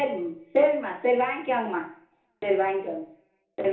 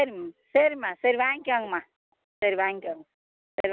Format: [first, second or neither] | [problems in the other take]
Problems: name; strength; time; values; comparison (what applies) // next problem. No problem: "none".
second | room echo; dies away in 0.7 s